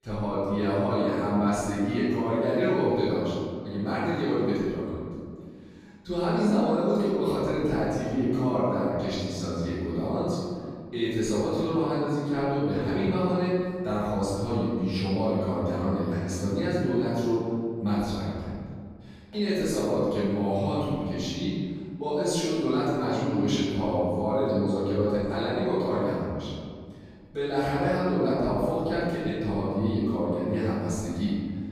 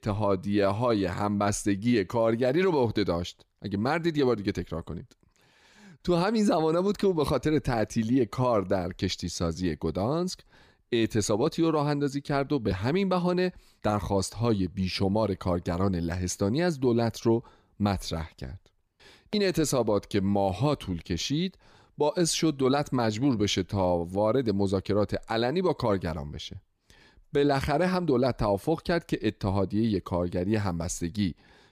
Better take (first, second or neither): second